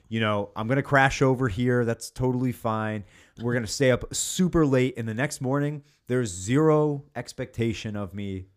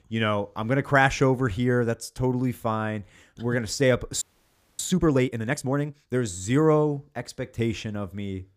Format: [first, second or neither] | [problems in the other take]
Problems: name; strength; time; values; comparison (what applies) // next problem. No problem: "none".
first | audio freezing; at 4 s for 0.5 s